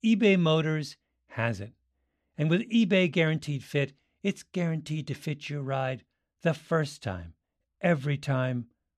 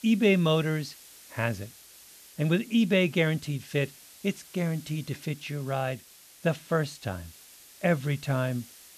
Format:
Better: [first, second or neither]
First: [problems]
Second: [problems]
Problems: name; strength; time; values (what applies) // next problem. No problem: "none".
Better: first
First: none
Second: hiss; faint; throughout; 20 dB below the speech